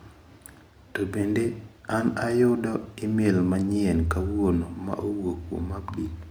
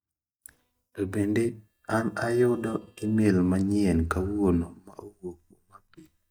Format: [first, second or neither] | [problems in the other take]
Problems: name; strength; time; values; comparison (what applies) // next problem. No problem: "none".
first | noise reduction (neural mask model DeepFilterNet 3)